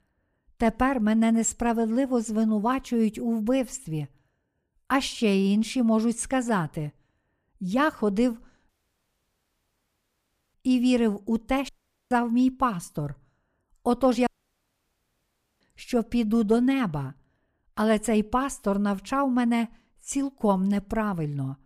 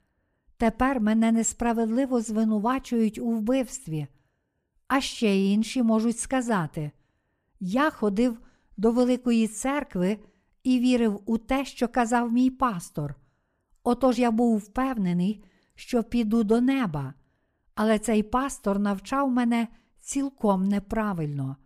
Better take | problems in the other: second | audio cutting out; at 8.5 s for 2 s, at 12 s and at 14 s for 1.5 s

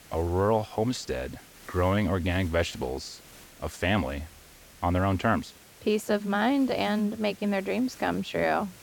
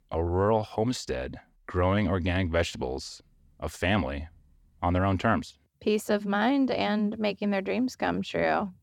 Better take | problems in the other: second | hiss; faint; throughout; 20 dB below the speech

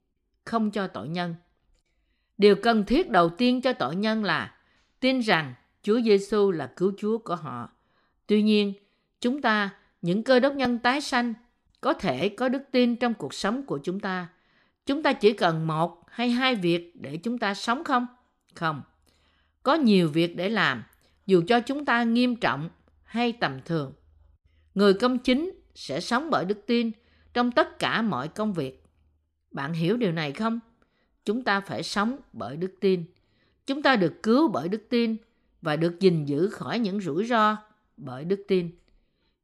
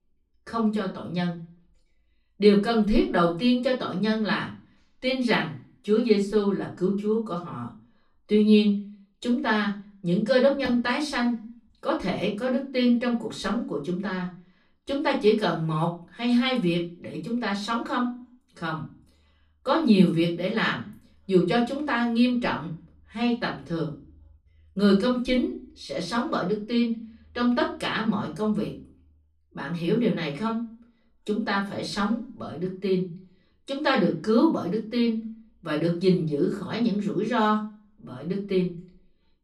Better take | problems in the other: first | off-mic speech; far // room echo; very slight; dies away in 0.3 s

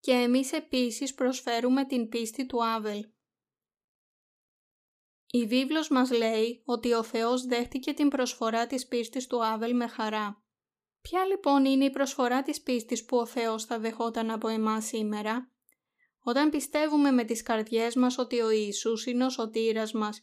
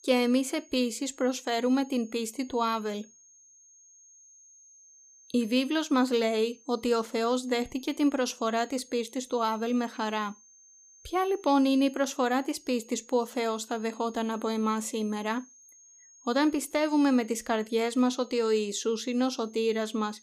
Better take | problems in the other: first | high-pitched whine; faint; throughout; 6.5 kHz, 25 dB below the speech

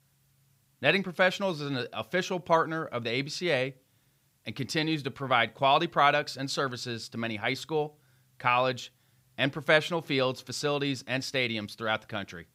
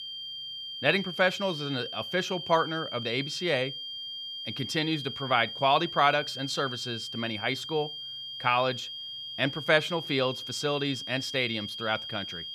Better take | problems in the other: first | high-pitched whine; loud; throughout; 3 kHz, 7 dB below the speech

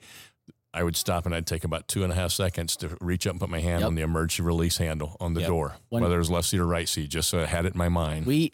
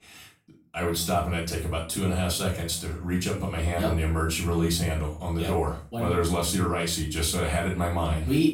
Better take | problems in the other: first | off-mic speech; far // room echo; slight; dies away in 0.3 s

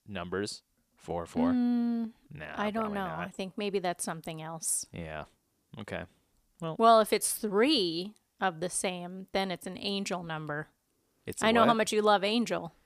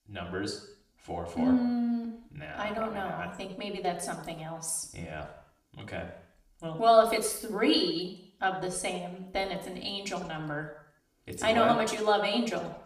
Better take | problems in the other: first | room echo; slight; dies away in 0.6 s // off-mic speech; somewhat distant

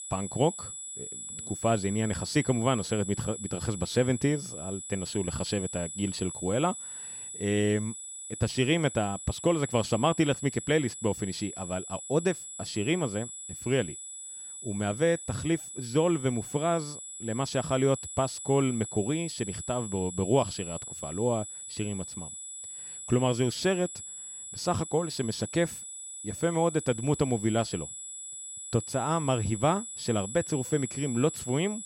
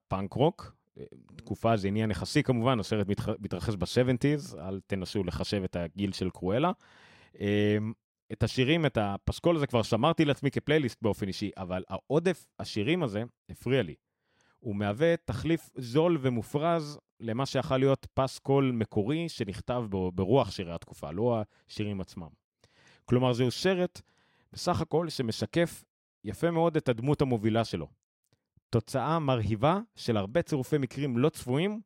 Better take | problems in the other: second | high-pitched whine; loud; throughout; 8 kHz, 9 dB below the speech

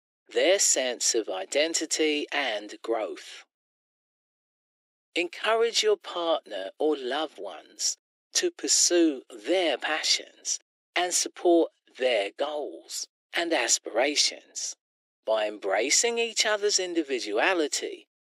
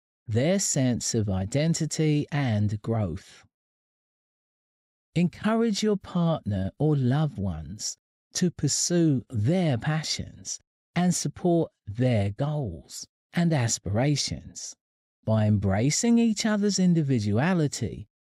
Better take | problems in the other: second | thin; very; fading below 350 Hz

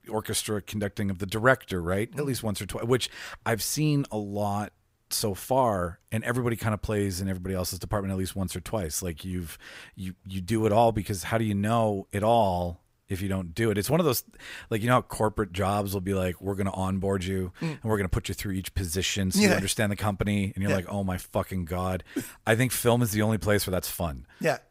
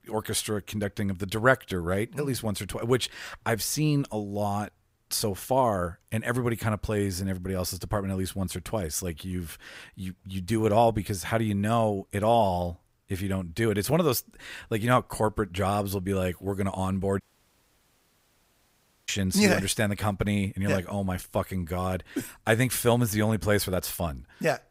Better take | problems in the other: first | audio cutting out; at 17 s for 2 s

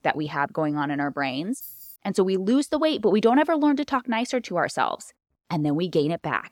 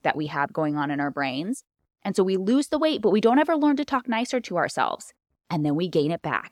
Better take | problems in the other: second | jangling keys; faint; at 1.5 s; peak 15 dB below the speech

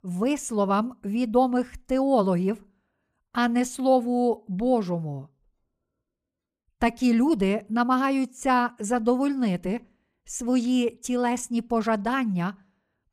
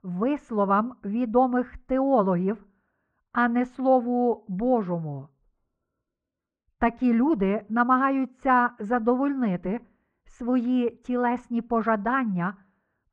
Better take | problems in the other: first | muffled; very; fading above 1.5 kHz

